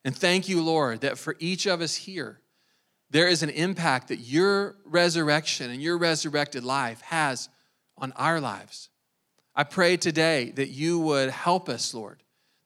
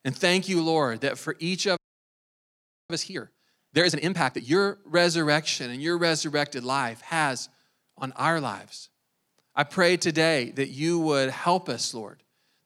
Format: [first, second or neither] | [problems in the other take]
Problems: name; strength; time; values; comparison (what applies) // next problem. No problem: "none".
first | audio freezing; at 2 s for 1 s